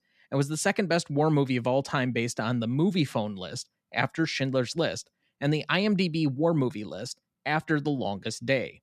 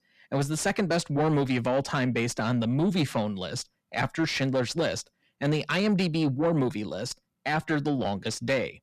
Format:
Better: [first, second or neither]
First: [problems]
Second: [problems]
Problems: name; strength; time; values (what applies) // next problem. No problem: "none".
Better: first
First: none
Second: distortion; slight; 9 dB below the speech